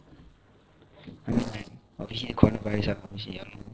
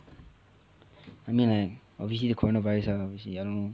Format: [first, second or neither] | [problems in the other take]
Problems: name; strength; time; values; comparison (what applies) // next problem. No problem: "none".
second | noise reduction (neural separator model SepFormer DNS4)